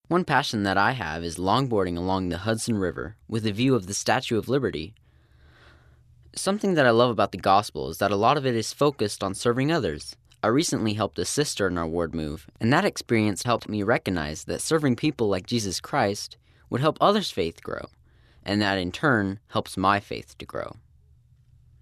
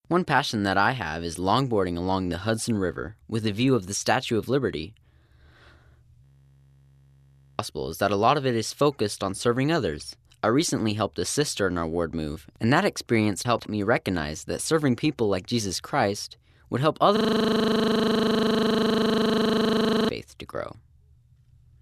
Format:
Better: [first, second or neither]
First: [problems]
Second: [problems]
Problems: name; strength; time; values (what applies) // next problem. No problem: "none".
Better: first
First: none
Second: audio freezing; at 6 s for 1.5 s and at 17 s for 3 s